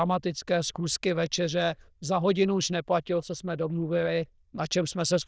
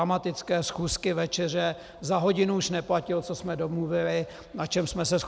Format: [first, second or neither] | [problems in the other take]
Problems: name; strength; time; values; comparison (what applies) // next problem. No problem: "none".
second | noise reduction (neural diffusion model UNIVERSE++)